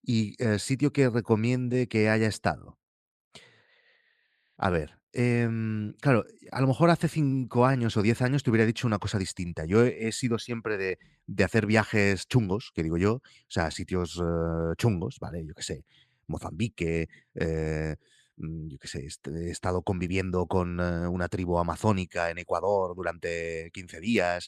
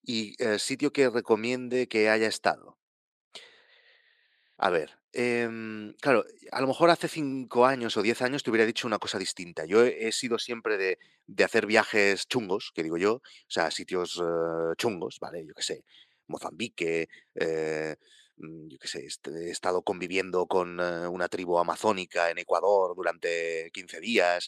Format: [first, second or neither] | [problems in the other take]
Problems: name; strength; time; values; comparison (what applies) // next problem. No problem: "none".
first | thin; somewhat; fading below 400 Hz